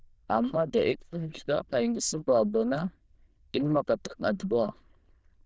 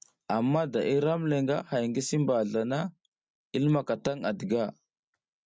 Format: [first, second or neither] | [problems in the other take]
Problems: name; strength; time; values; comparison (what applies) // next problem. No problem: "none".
second | noise reduction (neural diffusion model UNIVERSE++)